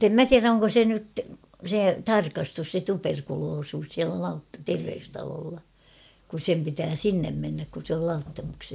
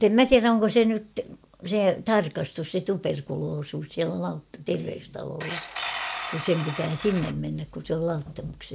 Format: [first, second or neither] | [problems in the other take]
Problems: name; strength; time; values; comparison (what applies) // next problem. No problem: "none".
first | background sound (Tools); 10 dB below the speech